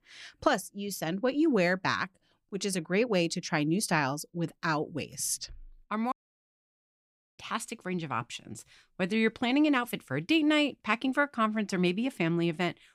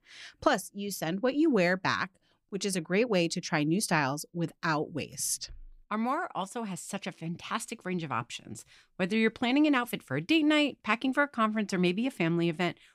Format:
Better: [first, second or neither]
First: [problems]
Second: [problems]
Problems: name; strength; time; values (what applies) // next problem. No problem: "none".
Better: second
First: audio cutting out; at 6 s for 1.5 s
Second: none